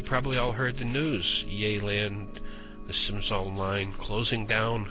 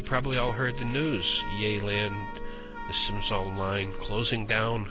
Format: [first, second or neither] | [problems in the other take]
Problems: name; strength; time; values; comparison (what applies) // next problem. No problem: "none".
first | background sound (Wind instrument, woodwind instrument); 13 dB below the speech